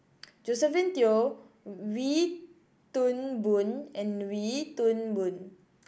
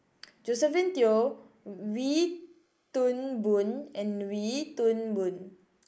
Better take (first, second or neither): first